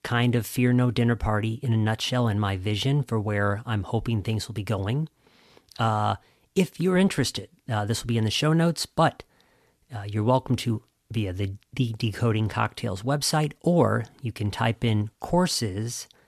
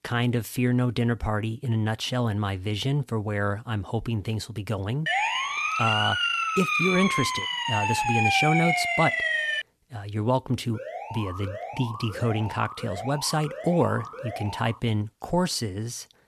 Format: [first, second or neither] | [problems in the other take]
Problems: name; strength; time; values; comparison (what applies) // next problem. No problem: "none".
first | siren; loud; from 5 to 9.5 s; peak 6 dB above the speech // alarm; noticeable; from 11 to 15 s; peak 9 dB below the speech